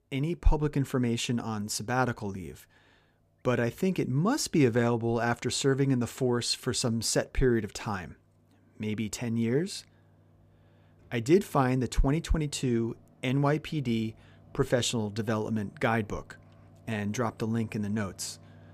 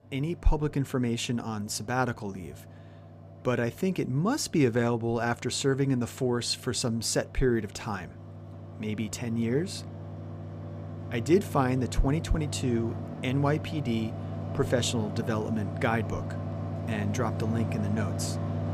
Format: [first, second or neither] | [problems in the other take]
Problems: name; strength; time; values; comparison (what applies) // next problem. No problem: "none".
first | machinery noise; loud; throughout; 7 dB below the speech; faint in the first